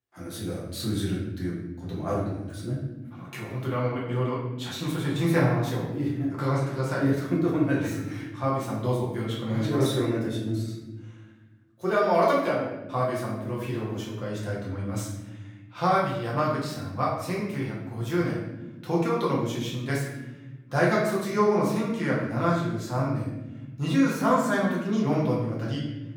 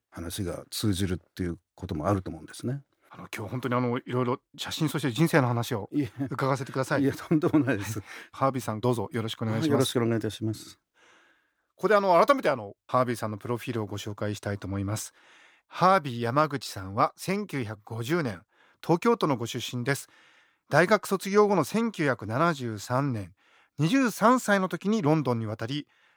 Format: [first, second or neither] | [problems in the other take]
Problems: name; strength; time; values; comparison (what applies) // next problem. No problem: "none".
second | off-mic speech; far // room echo; noticeable; dies away in 1.2 s